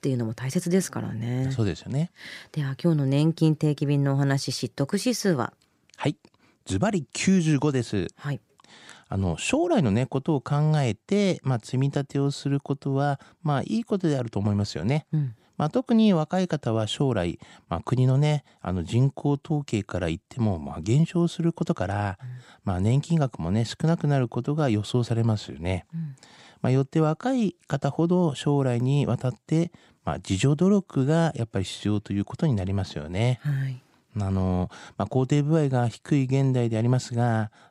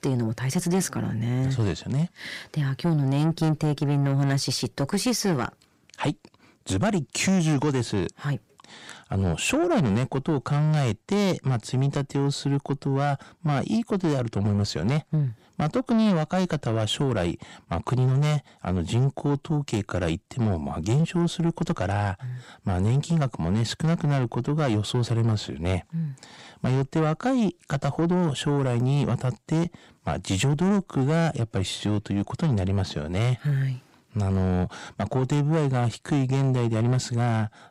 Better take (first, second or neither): first